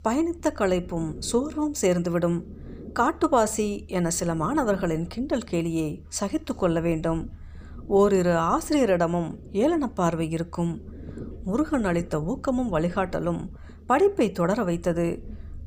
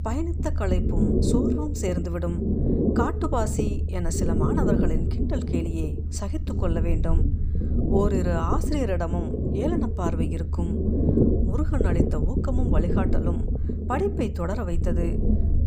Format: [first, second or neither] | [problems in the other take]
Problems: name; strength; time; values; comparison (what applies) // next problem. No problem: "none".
first | low rumble; loud; throughout; 1 dB below the speech; faint in the first